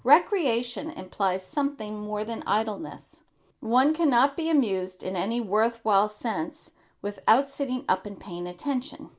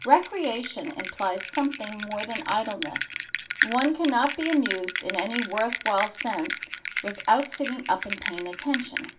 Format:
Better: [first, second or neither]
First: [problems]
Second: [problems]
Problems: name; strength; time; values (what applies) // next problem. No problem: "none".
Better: first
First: none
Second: background sound (Bell); 6 dB below the speech // room echo; dies away in 0.2 s